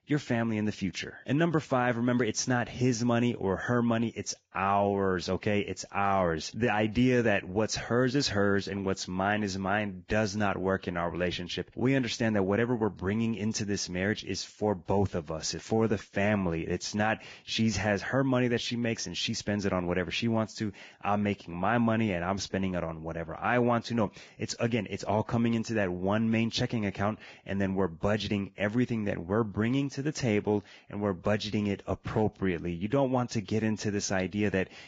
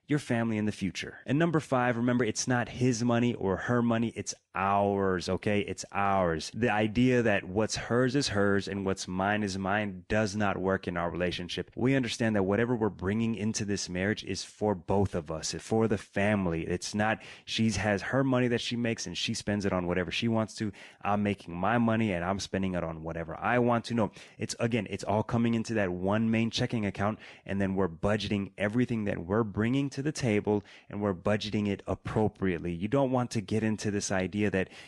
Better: second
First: garbled, watery; badly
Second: garbled, watery; slightly; nothing above 10.5 kHz

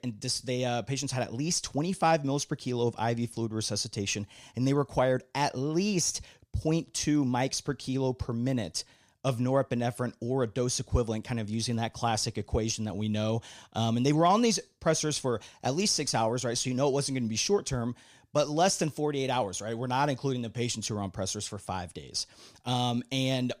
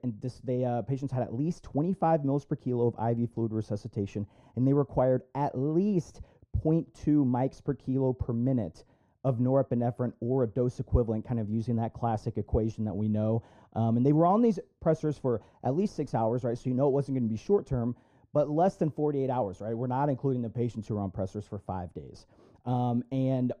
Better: first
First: none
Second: muffled; very; fading above 1.5 kHz

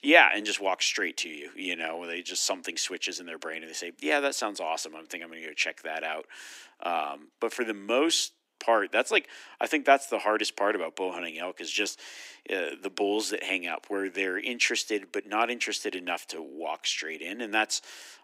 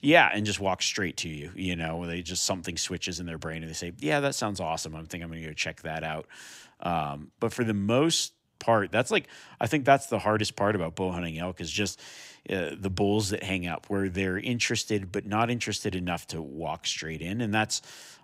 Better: second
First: thin; somewhat; fading below 300 Hz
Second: none

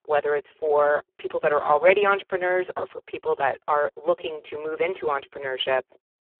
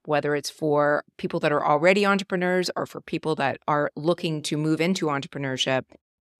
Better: second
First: phone-call audio; poor line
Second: none

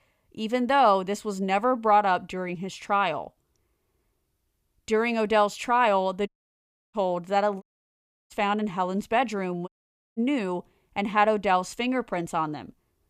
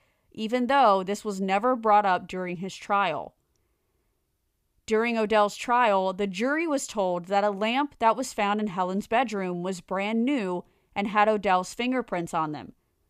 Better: second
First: audio cutting out; at 6.5 s for 0.5 s, at 7.5 s for 0.5 s and at 9.5 s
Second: none

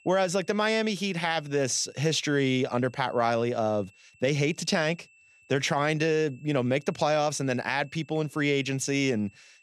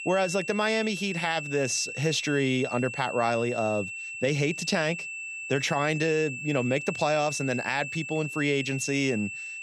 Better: first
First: high-pitched whine; faint; throughout; 2.5 kHz, 30 dB below the speech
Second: high-pitched whine; loud; throughout; 2.5 kHz, 7 dB below the speech

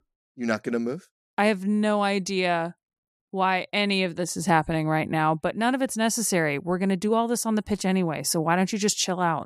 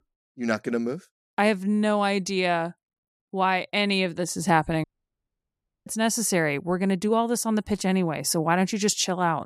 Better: first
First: none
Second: audio cutting out; at 5 s for 1 s

